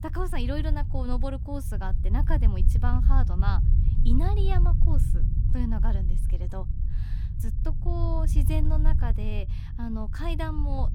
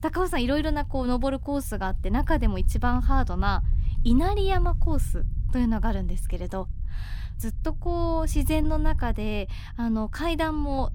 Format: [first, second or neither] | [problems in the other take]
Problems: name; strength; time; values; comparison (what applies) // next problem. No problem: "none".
second | low rumble; loud; throughout; 8 dB below the speech; faint in the second